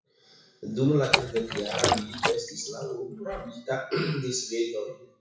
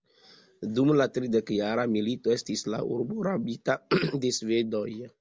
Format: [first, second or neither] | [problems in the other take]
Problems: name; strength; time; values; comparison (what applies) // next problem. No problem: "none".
second | noise reduction (classical method WPE with log-MMSE)